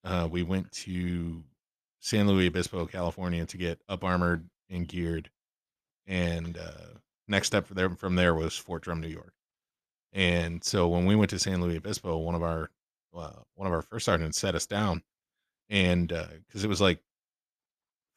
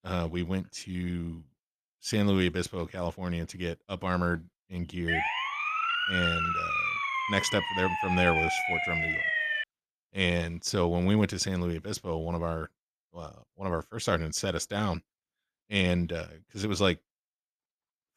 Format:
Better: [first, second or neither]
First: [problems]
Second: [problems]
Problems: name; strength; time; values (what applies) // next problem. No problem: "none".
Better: first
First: none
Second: siren; loud; from 5 to 9.5 s; peak 4 dB above the speech